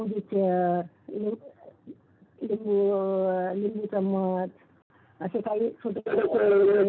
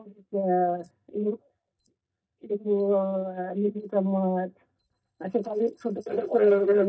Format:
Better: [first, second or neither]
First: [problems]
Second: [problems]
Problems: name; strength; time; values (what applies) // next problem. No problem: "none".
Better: first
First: none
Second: noise reduction (neural mask model DeepFilterNet 3)